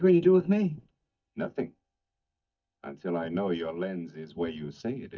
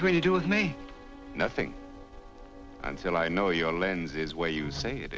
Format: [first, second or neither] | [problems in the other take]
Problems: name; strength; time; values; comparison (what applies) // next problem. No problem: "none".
second | noise reduction (neural mask model DeepFilterNet 3)